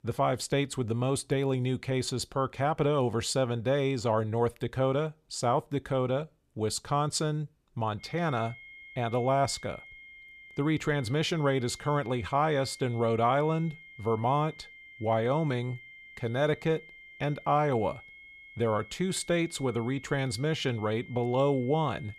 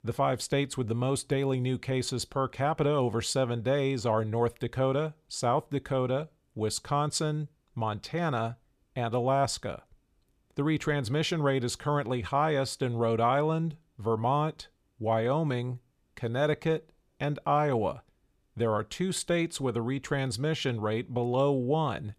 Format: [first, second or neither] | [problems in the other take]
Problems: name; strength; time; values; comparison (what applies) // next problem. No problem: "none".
second | high-pitched whine; noticeable; from 8 s on; 2 kHz, 20 dB below the speech